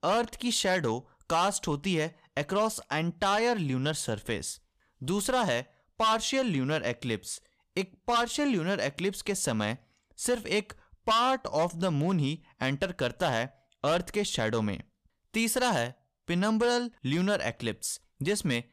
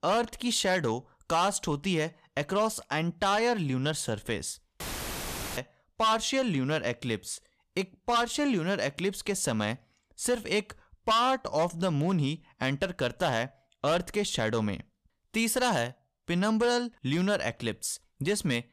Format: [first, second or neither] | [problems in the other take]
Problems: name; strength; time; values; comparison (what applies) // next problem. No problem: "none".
first | audio cutting out; filled with static; at 5 s for 1 s